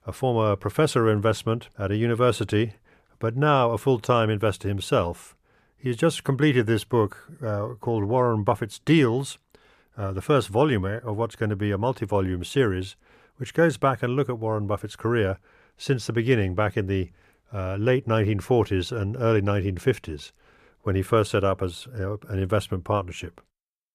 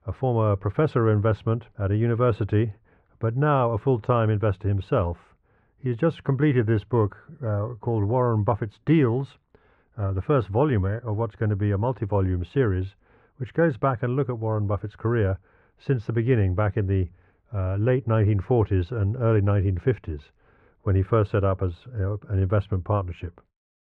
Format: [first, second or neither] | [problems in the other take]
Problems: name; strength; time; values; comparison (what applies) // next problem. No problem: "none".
first | muffled; very; fading above 1.5 kHz